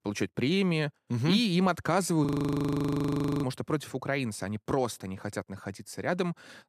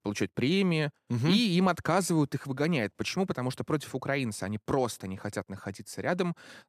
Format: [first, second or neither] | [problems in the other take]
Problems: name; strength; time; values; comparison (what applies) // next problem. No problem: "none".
second | audio freezing; at 2.5 s for 1 s